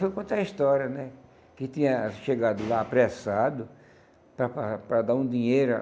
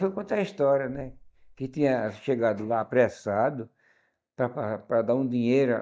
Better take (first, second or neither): first